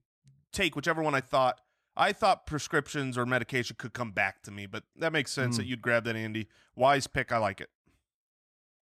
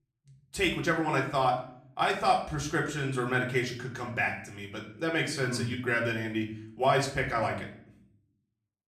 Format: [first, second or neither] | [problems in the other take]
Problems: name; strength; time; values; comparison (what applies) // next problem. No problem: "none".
first | room echo; slight; dies away in 0.5 s // off-mic speech; somewhat distant